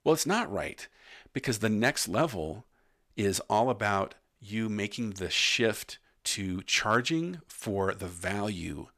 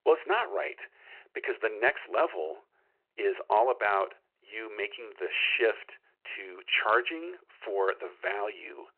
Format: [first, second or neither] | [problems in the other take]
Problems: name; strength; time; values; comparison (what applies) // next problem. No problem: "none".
first | phone-call audio